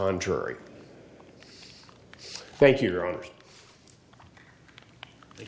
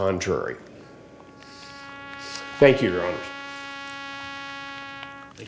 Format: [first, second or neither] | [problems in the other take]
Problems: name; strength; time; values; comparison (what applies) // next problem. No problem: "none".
first | background sound (Trumpet); 12 dB below the speech